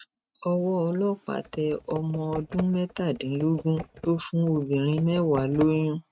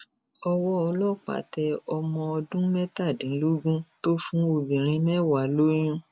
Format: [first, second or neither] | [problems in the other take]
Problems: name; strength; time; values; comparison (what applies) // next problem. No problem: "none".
second | noise reduction (neural mask model RNNoise)